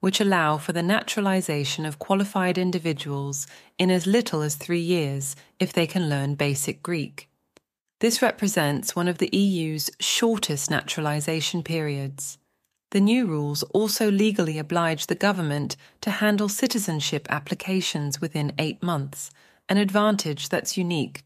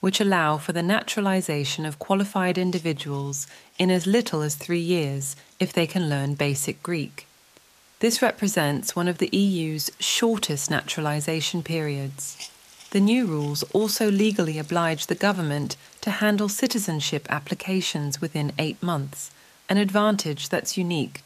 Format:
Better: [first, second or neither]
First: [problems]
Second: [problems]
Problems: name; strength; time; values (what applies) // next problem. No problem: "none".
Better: first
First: none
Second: hiss; faint; throughout; 25 dB below the speech